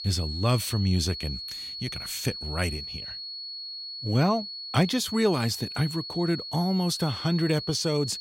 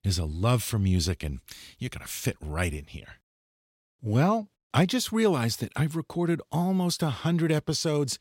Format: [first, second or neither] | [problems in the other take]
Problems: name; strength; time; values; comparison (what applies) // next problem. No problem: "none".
second | high-pitched whine; loud; throughout; 4.5 kHz, 7 dB below the speech